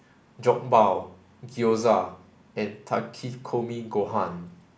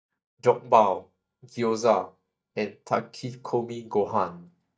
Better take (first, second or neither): first